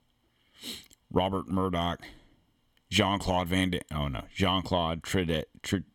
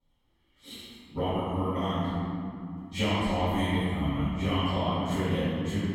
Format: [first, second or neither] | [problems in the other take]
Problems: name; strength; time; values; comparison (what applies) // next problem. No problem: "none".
first | off-mic speech; far // room echo; strong; dies away in 3 s